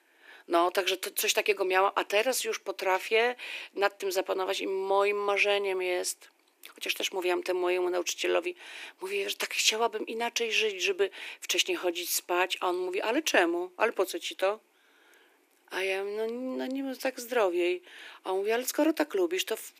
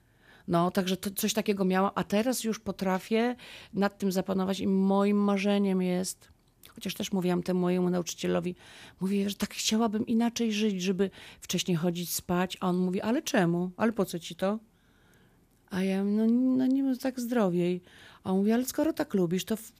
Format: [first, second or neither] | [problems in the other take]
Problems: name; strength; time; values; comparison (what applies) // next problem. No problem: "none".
second | thin; very; fading below 300 Hz